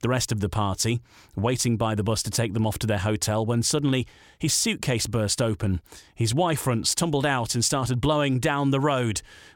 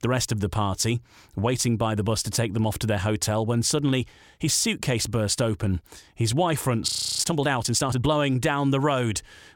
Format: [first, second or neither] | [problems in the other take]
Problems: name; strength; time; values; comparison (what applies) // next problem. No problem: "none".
first | audio freezing; at 7 s